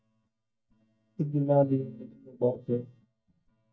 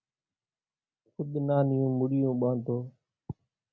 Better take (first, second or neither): second